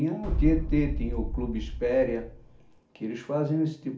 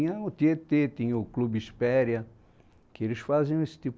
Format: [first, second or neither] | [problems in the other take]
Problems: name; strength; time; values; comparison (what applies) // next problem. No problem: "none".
second | background sound (Boom); 2 dB below the speech // room echo; dies away in 0.4 s